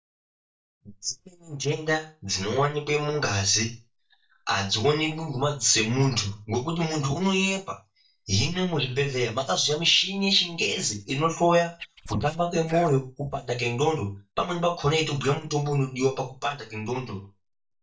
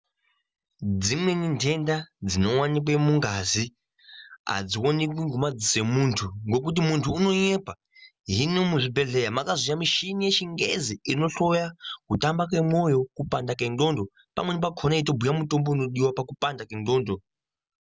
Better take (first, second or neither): second